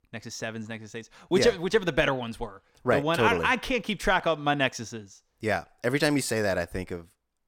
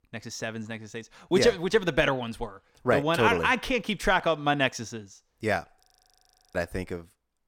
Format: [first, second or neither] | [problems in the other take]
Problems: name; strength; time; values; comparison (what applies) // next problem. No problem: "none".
first | audio freezing; at 6 s for 0.5 s